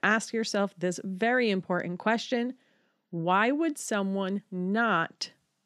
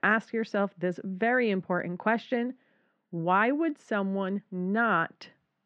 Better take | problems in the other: first | muffled; very; fading above 2 kHz

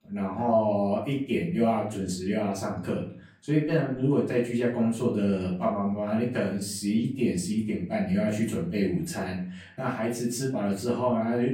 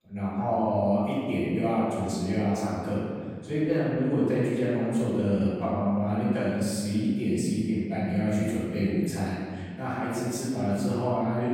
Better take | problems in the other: first | room echo; strong; dies away in 1.9 s; slight in the first // off-mic speech; far; far in the first

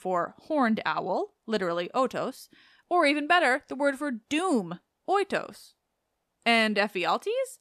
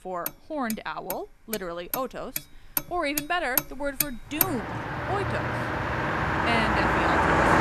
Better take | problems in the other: first | traffic noise; very loud; throughout; 5 dB above the speech

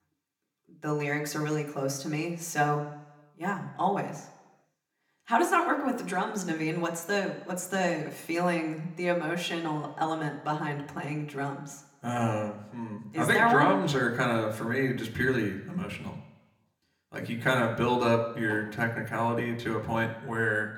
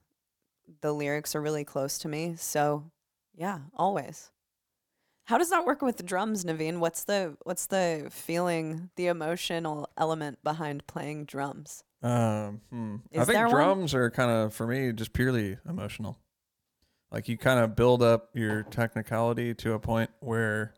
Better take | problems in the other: second | room echo; slight; dies away in 0.9 s // off-mic speech; somewhat distant

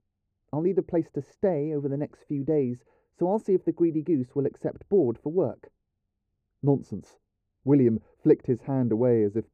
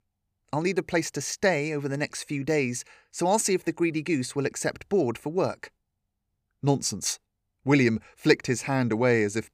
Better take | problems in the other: second | muffled; very; fading above 1.5 kHz

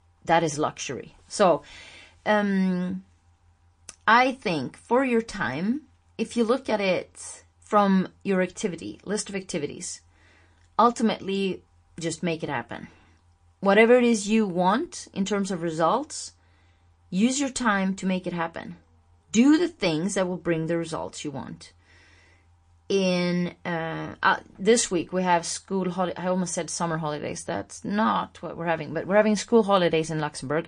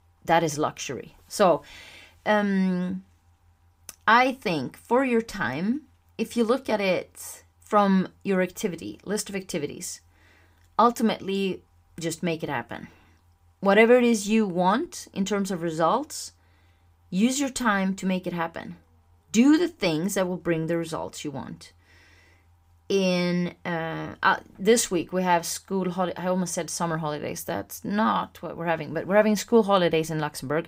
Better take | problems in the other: second | garbled, watery; slightly; nothing above 9 kHz

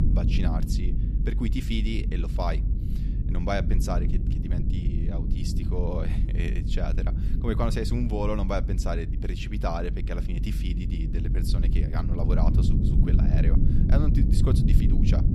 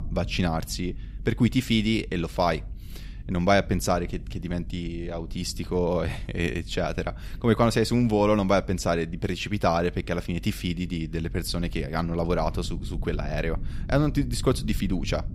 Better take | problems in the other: second | low rumble; loud; throughout; 4 dB below the speech; faint in the second

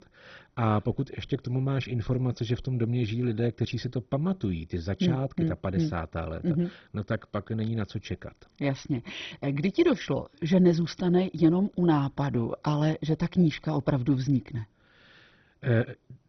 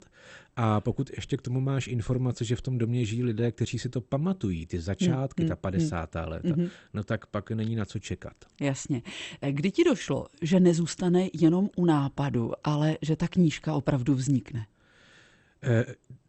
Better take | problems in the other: second | garbled, watery; badly; nothing above 6 kHz; slightly in the second

